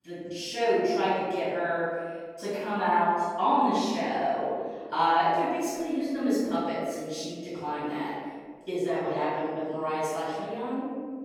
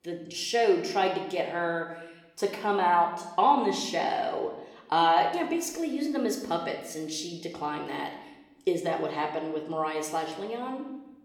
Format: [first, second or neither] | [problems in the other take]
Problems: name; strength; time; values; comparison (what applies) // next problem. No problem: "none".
second | room echo; strong; dies away in 1.7 s; slight in the second // off-mic speech; far; somewhat distant in the second